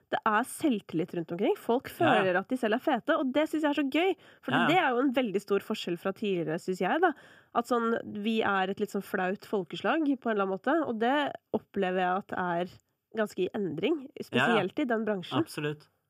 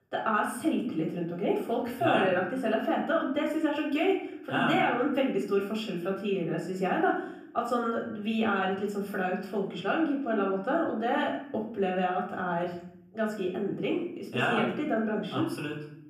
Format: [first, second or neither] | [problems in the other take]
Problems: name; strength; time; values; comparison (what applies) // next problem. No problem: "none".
first | room echo; noticeable; dies away in 0.6 s // off-mic speech; far